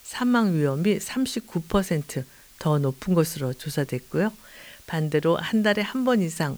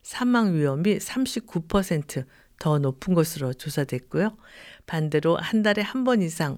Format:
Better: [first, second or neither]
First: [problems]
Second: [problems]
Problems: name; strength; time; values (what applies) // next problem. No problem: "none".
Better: second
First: hiss; faint; throughout; 25 dB below the speech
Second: none